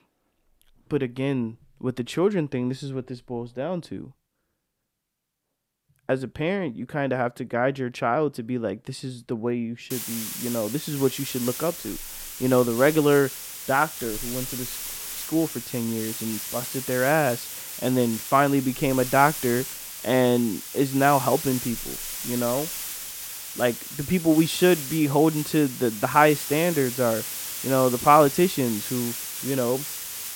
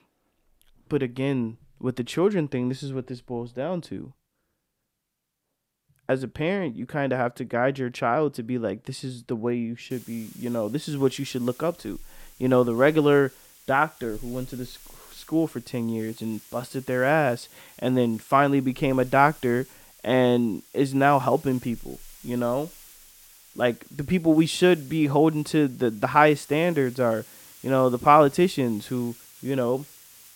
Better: second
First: hiss; loud; from 10 s on; 7 dB below the speech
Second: hiss; faint; from 10 s on; 25 dB below the speech

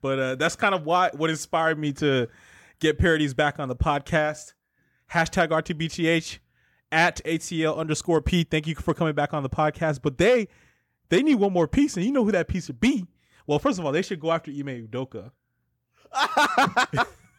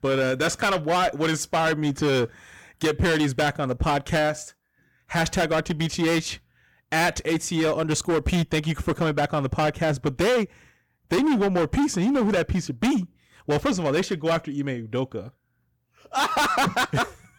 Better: first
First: none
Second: distortion; heavy; 16% of the sound clipped

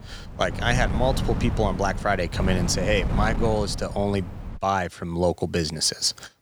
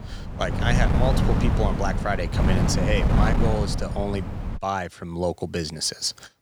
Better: first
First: wind noise on the microphone; occasional gusts; until 4.5 s; 10 dB below the speech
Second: wind noise on the microphone; heavy; until 4.5 s; 4 dB below the speech

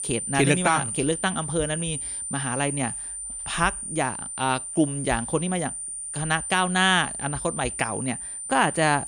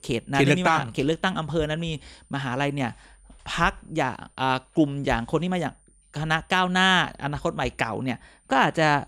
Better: second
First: high-pitched whine; loud; throughout; 9 kHz, 5 dB below the speech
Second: high-pitched whine; faint; throughout; 9 kHz, 35 dB below the speech

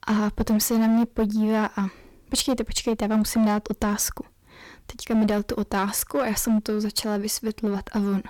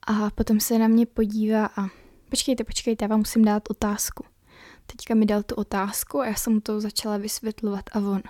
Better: second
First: distortion; slight; 10% of the sound clipped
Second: none

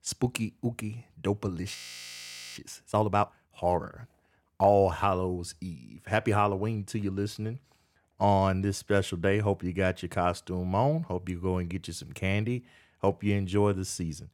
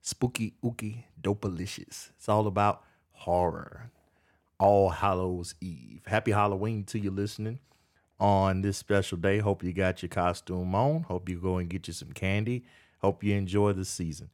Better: second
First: audio freezing; at 2 s for 1 s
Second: none

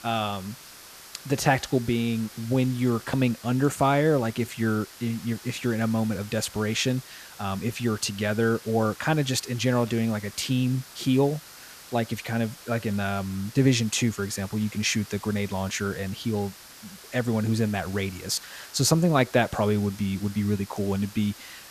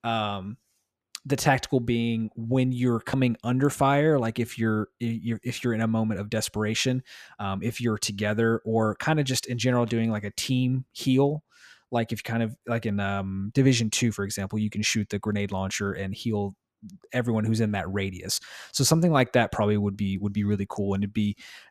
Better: second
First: hiss; noticeable; throughout; 15 dB below the speech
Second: none

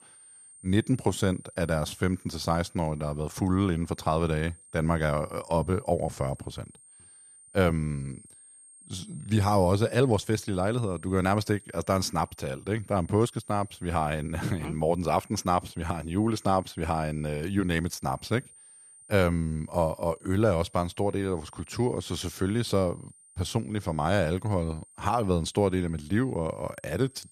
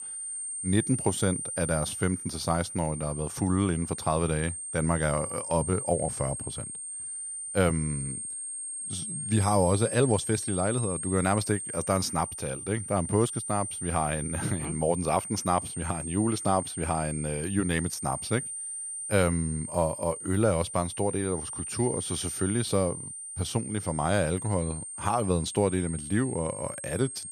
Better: first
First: high-pitched whine; faint; throughout; 8.5 kHz, 25 dB below the speech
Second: high-pitched whine; loud; throughout; 8.5 kHz, 5 dB below the speech

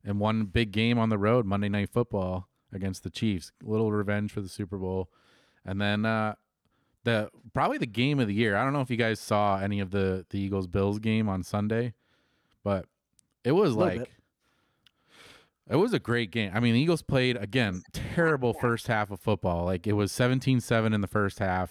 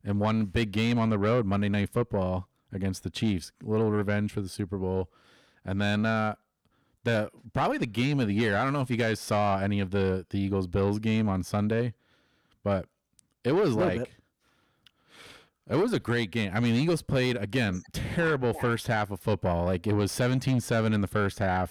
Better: first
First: none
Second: distortion; slight; 10 dB below the speech

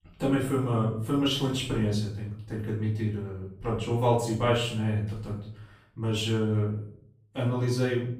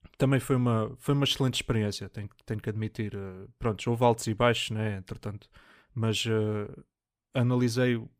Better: second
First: off-mic speech; far // room echo; noticeable; dies away in 0.5 s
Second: none

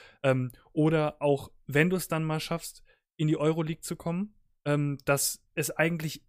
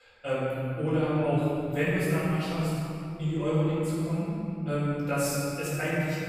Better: first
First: none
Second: off-mic speech; far // room echo; strong; dies away in 2.9 s

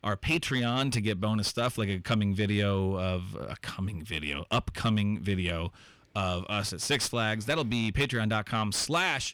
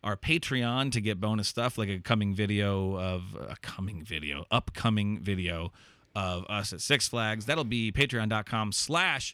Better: second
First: distortion; slight; 10 dB below the speech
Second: none

